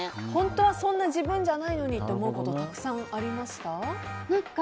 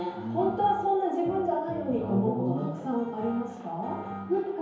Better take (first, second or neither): first